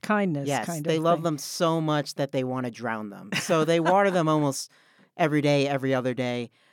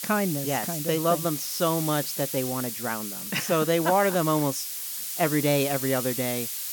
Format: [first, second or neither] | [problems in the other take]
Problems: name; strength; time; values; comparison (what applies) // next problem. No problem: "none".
first | hiss; loud; throughout; 4 dB below the speech